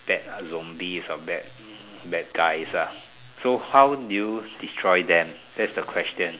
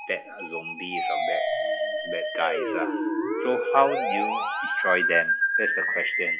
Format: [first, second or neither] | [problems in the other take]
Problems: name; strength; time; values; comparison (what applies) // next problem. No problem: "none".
first | noise reduction (classical method log-MMSE)